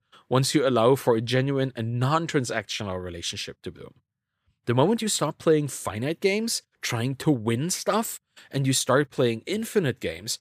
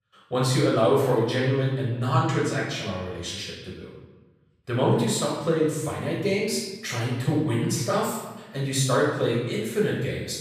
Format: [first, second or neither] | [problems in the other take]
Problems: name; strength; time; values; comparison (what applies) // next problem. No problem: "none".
first | off-mic speech; far // room echo; noticeable; dies away in 1 s